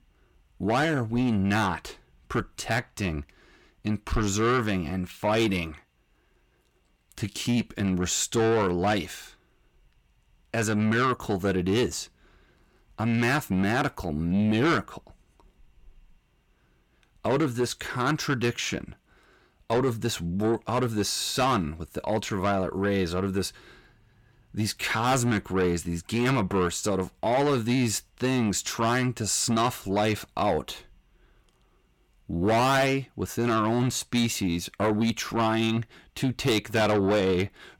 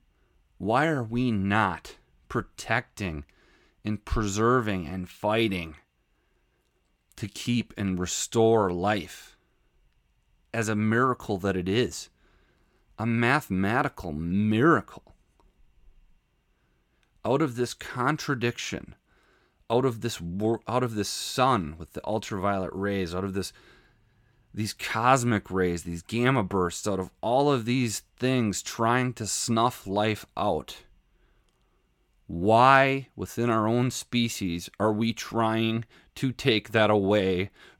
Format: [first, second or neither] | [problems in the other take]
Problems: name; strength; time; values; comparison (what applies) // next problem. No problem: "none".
second | distortion; heavy; 7 dB below the speech